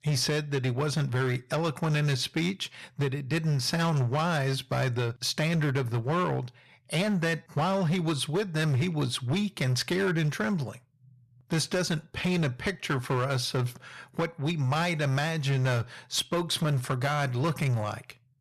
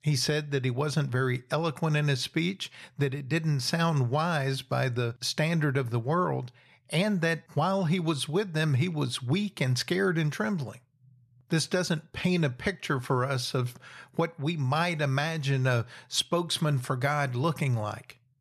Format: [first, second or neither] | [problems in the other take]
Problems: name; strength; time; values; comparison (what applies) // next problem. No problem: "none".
second | distortion; slight; 14% of the sound clipped